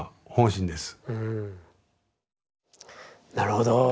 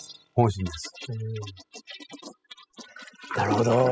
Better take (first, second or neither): first